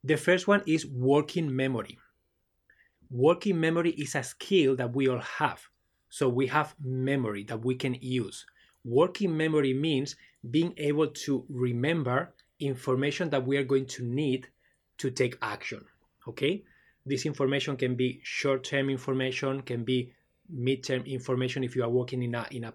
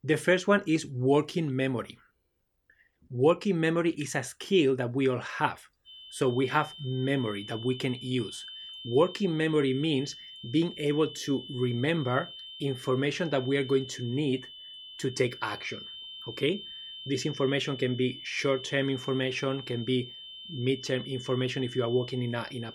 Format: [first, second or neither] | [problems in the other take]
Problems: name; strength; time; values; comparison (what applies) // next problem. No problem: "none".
first | high-pitched whine; noticeable; from 6 s on; 3 kHz, 15 dB below the speech